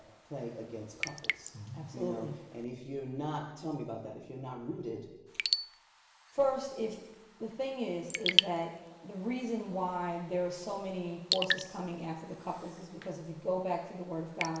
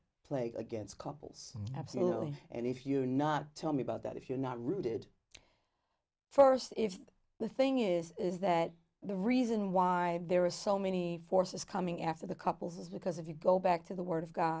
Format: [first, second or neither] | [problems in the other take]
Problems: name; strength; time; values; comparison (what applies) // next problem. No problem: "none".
second | background sound (Raindrop / Drip); 3 dB below the speech // room echo; dies away in 1 s